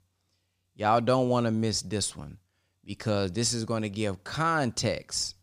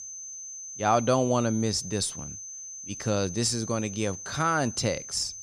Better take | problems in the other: first | high-pitched whine; loud; throughout; 6 kHz, 10 dB below the speech

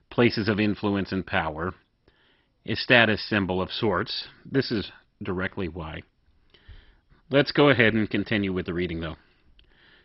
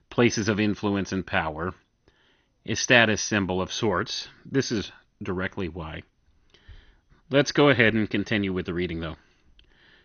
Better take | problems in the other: second | garbled, watery; badly; nothing above 5.5 kHz; slightly in the second

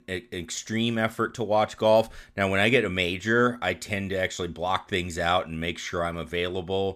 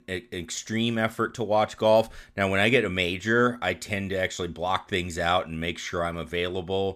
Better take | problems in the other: neither | none

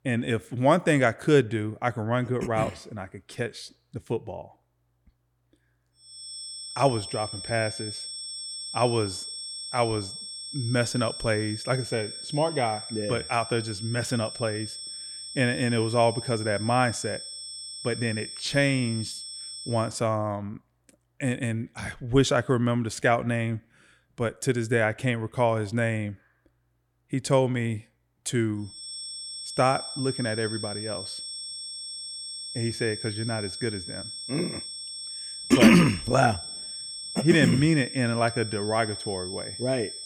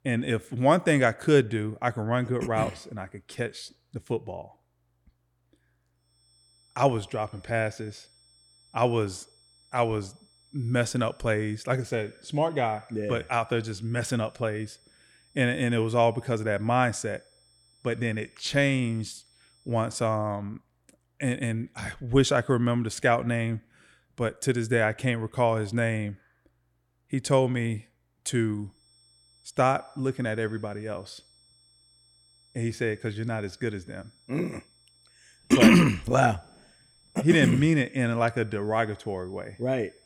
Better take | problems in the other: second | high-pitched whine; loud; from 6 to 20 s and from 29 s on; 5.5 kHz, 9 dB below the speech; faint in the second

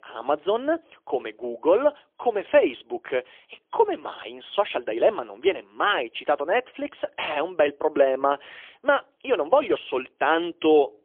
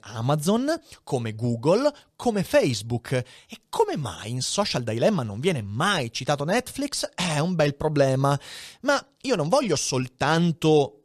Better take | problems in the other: second | phone-call audio; poor line; nothing above 3.5 kHz

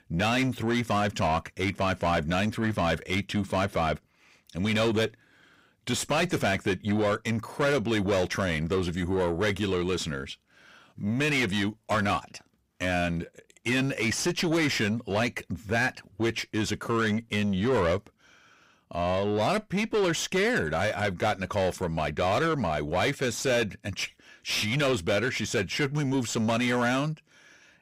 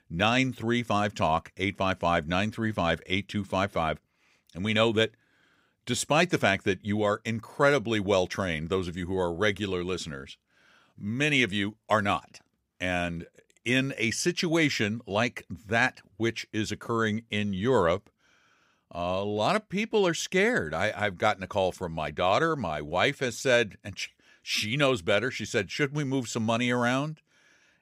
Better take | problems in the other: second | distortion; heavy; 7 dB below the speech

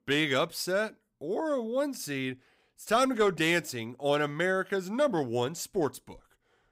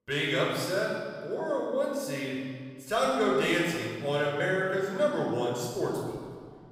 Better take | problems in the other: first | off-mic speech; far // room echo; noticeable; dies away in 1.7 s

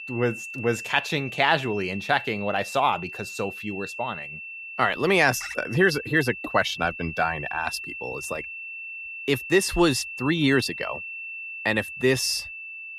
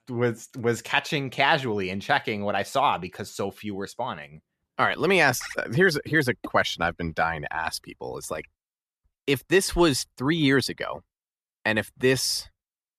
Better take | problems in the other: second | high-pitched whine; loud; throughout; 2.5 kHz, 10 dB below the speech

